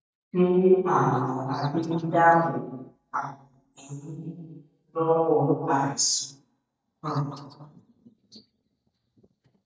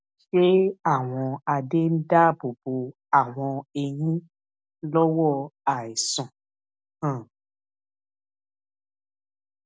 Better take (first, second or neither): second